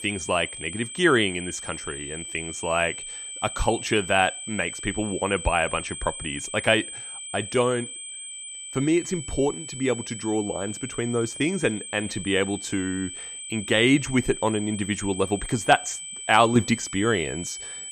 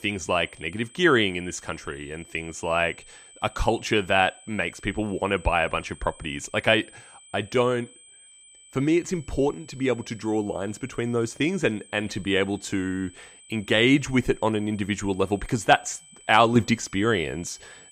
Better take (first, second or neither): second